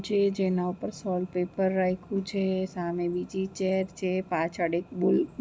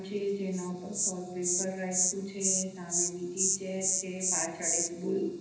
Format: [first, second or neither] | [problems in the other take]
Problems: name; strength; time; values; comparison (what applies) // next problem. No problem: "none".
first | background sound (Insect); 3 dB above the speech // room echo; dies away in 0.9 s